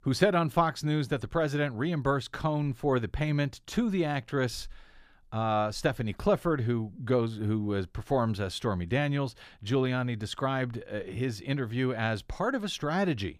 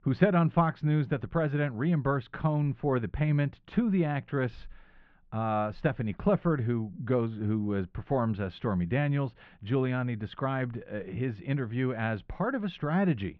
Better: first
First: none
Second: muffled; very; fading above 3 kHz

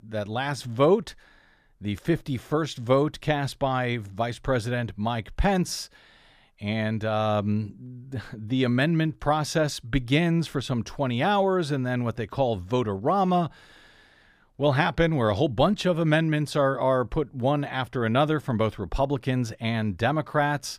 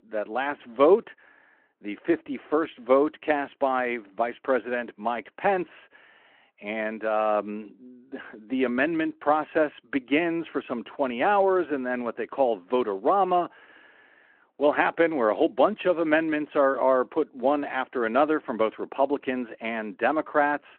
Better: first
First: none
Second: phone-call audio

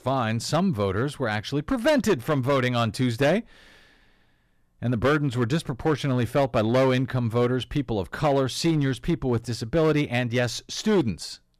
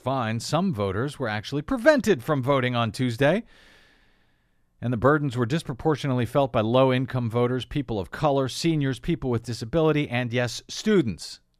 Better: second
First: distortion; slight; 5% of the sound clipped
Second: none

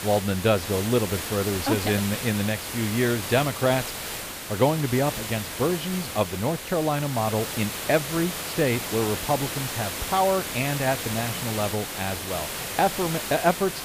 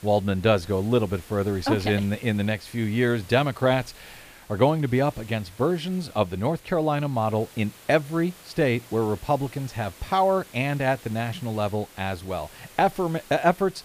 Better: second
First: hiss; loud; throughout; 5 dB below the speech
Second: hiss; faint; throughout; 20 dB below the speech

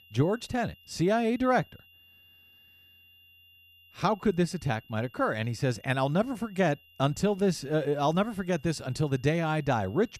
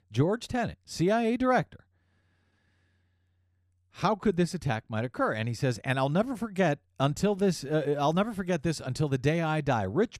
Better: second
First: high-pitched whine; faint; throughout; 3 kHz, 25 dB below the speech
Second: none

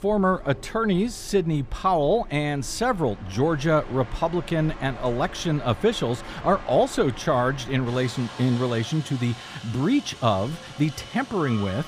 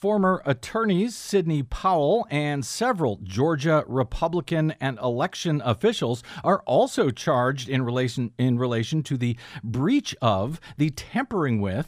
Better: second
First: train or aircraft noise; noticeable; throughout; 15 dB below the speech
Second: none

